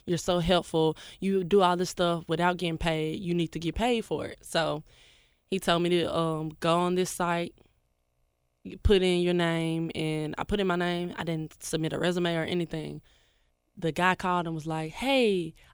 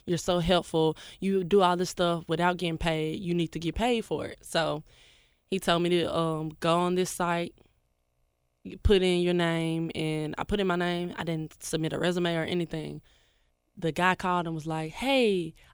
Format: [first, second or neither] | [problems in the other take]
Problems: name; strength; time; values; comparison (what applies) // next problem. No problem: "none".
neither | none